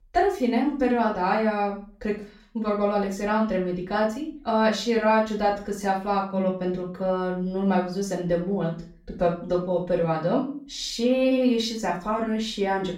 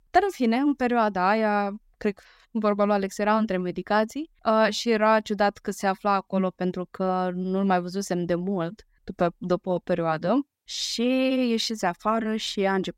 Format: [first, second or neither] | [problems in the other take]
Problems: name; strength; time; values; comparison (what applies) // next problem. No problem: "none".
second | off-mic speech; far // room echo; slight; dies away in 0.4 s